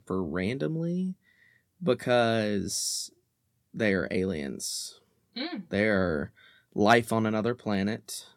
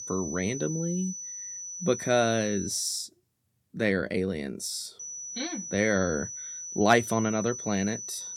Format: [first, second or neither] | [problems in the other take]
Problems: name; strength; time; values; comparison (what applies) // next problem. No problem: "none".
first | high-pitched whine; loud; until 3 s and from 5 s on; 6 kHz, 8 dB below the speech